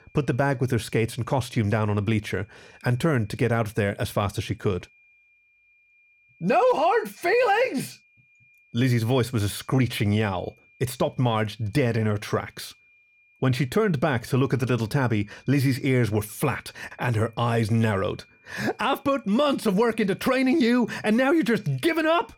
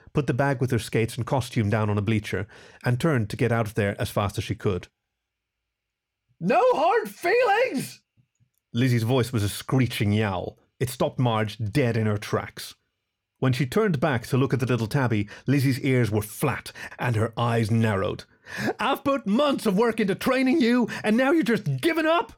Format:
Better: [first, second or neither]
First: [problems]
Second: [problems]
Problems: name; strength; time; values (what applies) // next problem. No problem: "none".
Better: second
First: high-pitched whine; faint; throughout; 2.5 kHz, 35 dB below the speech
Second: none